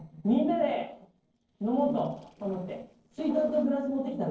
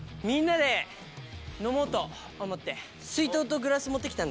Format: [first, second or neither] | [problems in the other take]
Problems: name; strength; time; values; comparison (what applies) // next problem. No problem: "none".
second | noise reduction (neural separator model SepFormer DNS4)